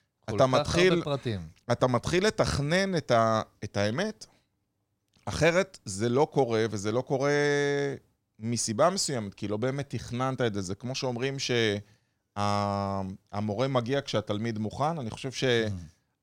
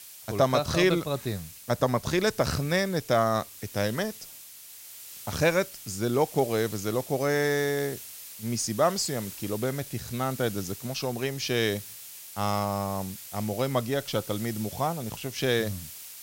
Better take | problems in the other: first | hiss; noticeable; throughout; 15 dB below the speech

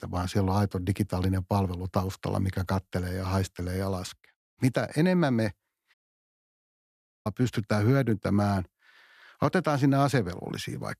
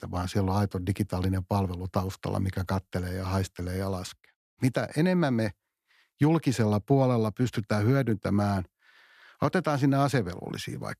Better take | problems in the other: second | audio cutting out; at 6 s for 1.5 s

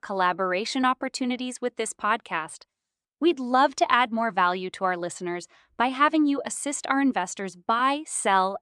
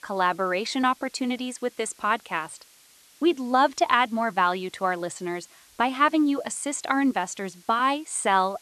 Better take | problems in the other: first | hiss; faint; throughout; 30 dB below the speech

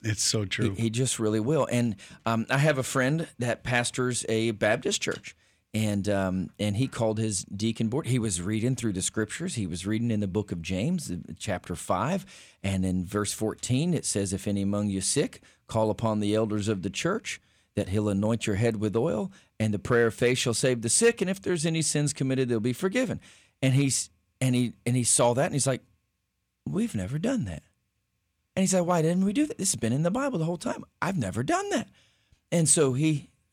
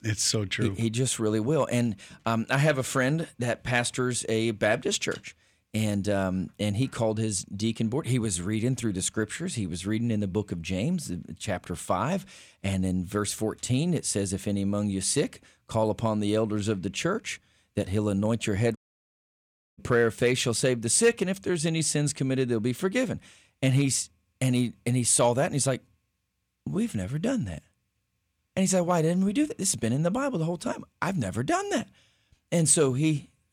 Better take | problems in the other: first | audio cutting out; at 19 s for 1 s

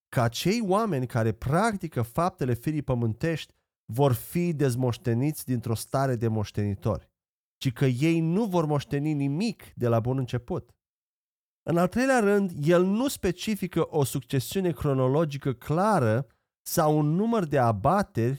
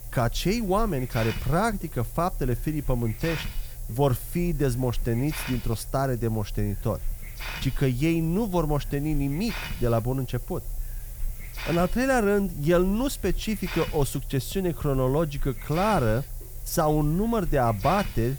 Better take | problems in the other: first | hiss; noticeable; throughout; 10 dB below the speech

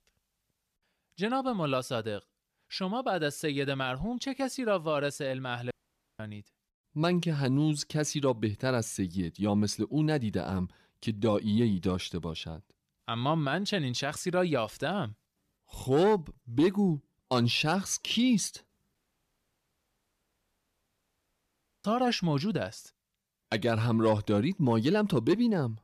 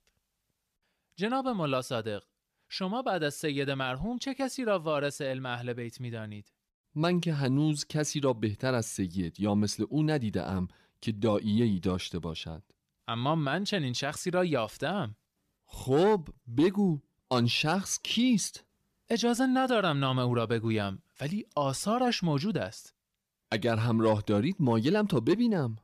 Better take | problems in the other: second | audio cutting out; at 5.5 s and at 19 s for 3 s

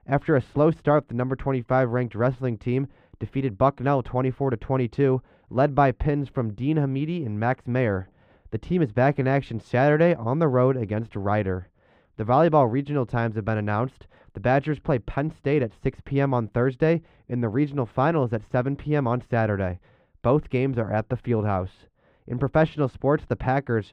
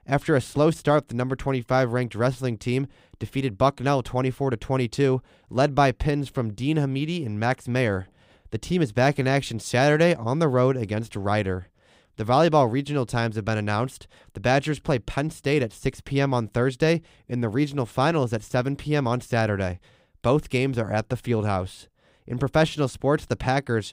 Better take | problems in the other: second | muffled; very; fading above 4 kHz

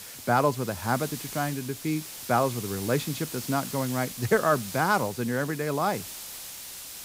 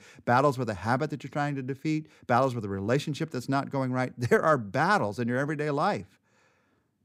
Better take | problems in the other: second | hiss; loud; throughout; 9 dB below the speech

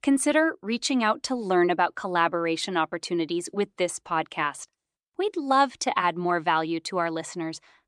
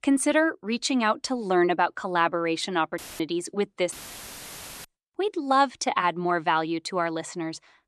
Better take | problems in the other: first | audio cutting out; filled with static; at 3 s and at 4 s for 1 s

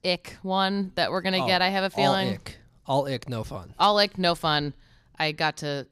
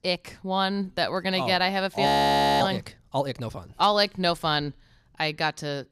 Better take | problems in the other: first | audio freezing; at 2 s for 0.5 s

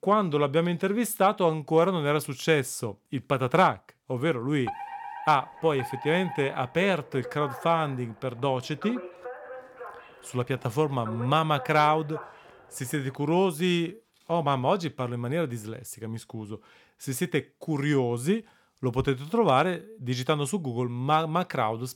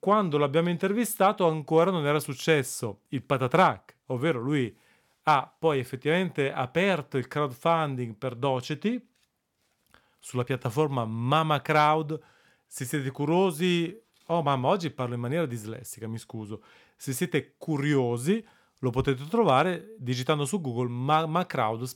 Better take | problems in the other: second | alarm; noticeable; from 4.5 to 13 s; peak 10 dB below the speech

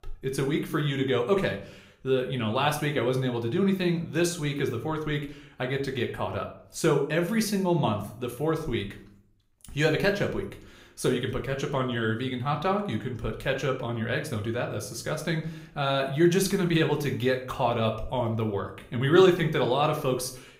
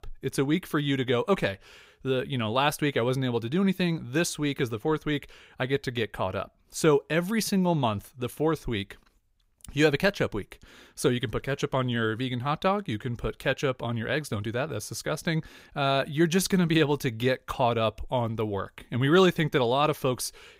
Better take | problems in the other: second | room echo; slight; dies away in 0.5 s

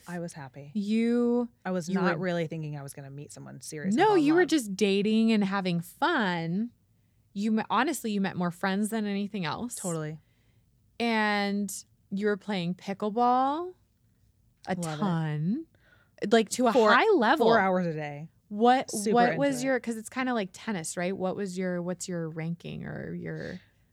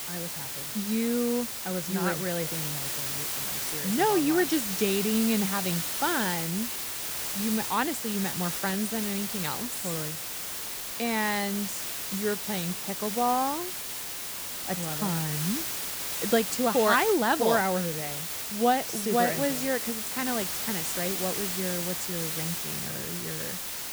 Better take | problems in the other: first | hiss; loud; throughout; 1 dB below the speech

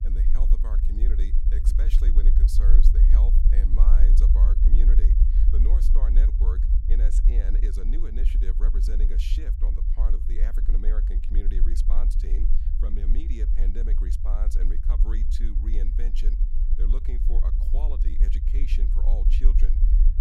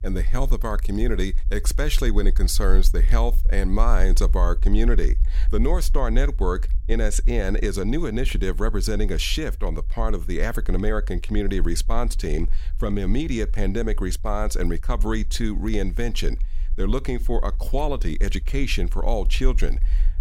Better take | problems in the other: second | low rumble; loud; throughout; 2 dB below the speech; faint in the second

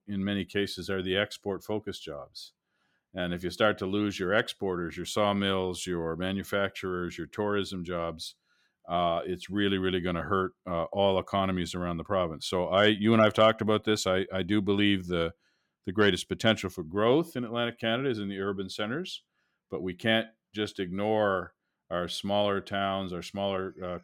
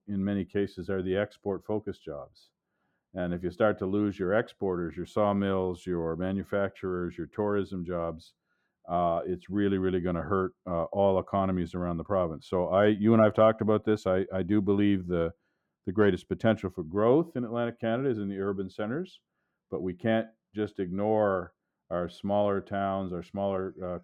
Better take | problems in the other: first | muffled; very; fading above 2 kHz

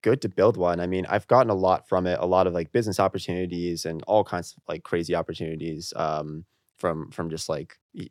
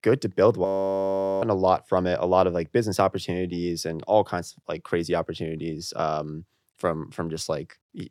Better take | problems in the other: first | audio freezing; at 0.5 s for 1 s

